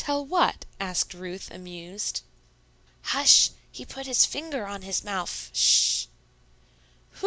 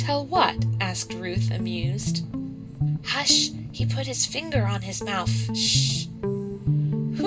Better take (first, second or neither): first